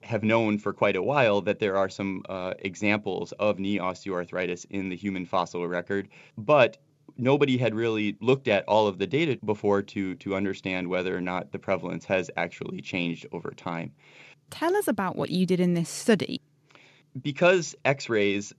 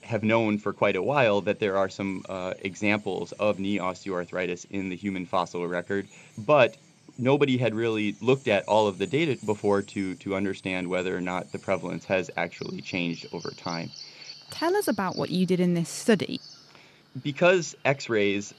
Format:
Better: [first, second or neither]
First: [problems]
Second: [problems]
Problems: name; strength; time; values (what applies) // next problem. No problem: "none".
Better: first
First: none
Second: animal sounds; faint; throughout; 20 dB below the speech